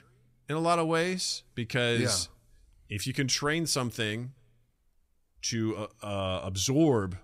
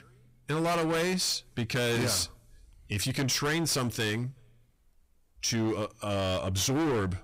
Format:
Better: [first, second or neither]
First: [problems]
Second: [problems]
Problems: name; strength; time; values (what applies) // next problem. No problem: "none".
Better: first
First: none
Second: distortion; heavy; 20% of the sound clipped